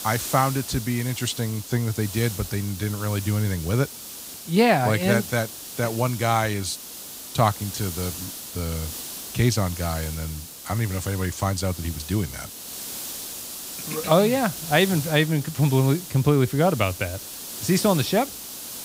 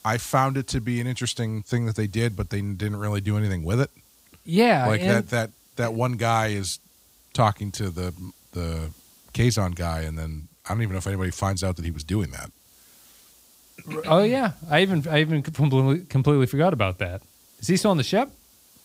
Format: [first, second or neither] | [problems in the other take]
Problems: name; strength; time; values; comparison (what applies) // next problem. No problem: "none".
second | hiss; loud; throughout; 10 dB below the speech; faint in the second